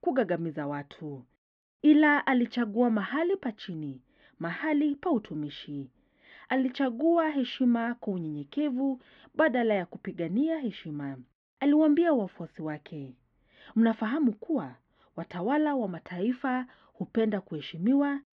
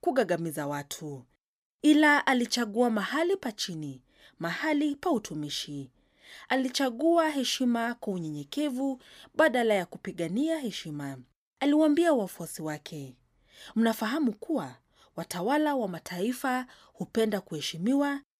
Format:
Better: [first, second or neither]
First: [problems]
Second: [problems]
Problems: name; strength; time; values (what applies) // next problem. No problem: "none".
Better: second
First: muffled; very; fading above 3 kHz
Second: none